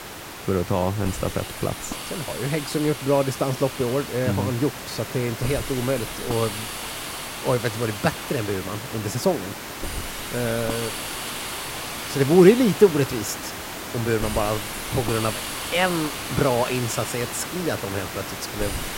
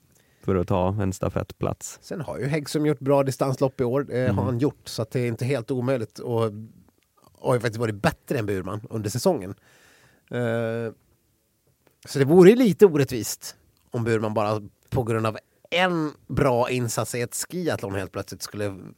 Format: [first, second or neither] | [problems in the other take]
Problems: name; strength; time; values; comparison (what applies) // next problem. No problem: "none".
second | hiss; loud; throughout; 7 dB below the speech